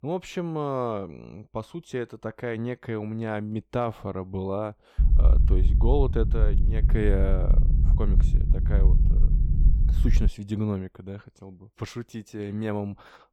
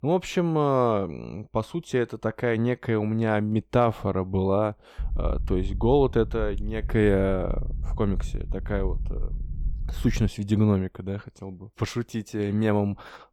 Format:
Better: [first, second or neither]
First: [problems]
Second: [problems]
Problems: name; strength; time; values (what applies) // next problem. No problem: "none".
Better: second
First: low rumble; loud; from 5 to 10 s; 9 dB below the speech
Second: low rumble; faint; from 5 to 10 s; 25 dB below the speech